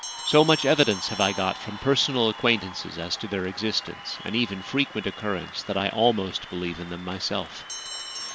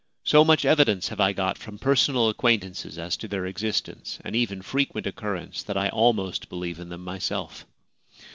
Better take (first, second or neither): second